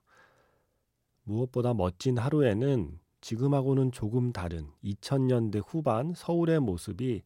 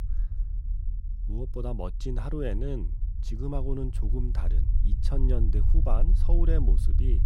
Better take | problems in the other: first | low rumble; noticeable; throughout; 10 dB below the speech

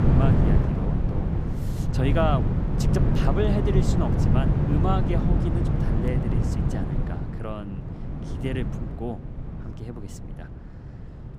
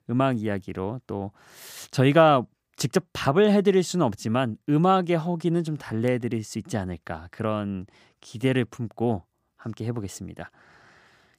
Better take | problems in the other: second | wind noise on the microphone; heavy; 1 dB below the speech

